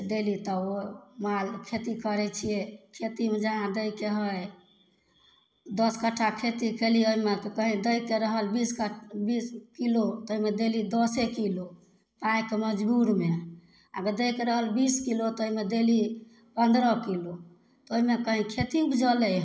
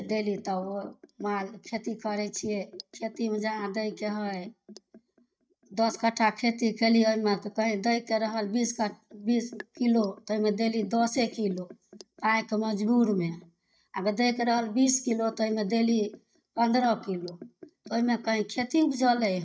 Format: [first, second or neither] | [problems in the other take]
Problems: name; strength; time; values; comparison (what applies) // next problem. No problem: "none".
first | noise reduction (neural mask model DeepFilterNet 3)